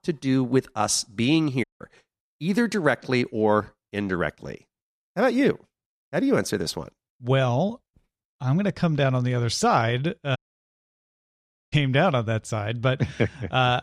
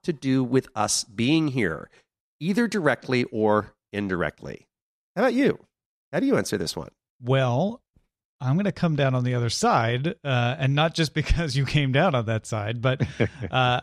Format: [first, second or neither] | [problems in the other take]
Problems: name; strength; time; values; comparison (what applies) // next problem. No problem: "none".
second | audio cutting out; at 1.5 s and at 10 s for 1.5 s